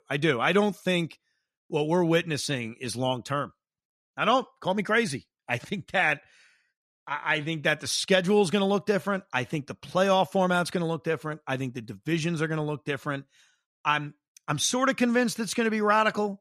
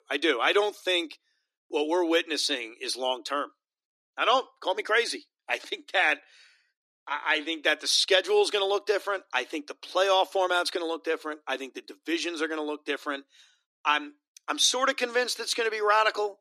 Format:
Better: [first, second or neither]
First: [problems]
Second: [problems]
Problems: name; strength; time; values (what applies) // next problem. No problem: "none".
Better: first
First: none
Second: thin; somewhat; fading below 300 Hz